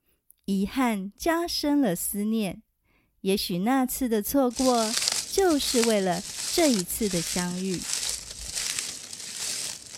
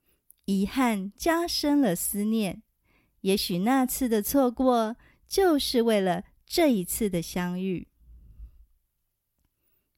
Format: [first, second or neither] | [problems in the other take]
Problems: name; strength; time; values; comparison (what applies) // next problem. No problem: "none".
second | footsteps; loud; from 4.5 s on; peak 2 dB above the speech